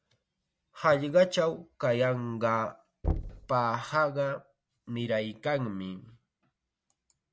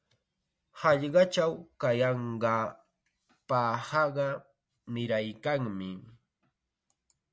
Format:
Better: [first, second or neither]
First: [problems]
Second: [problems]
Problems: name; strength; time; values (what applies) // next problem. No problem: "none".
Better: second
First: background sound (Knock); 8 dB below the speech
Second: none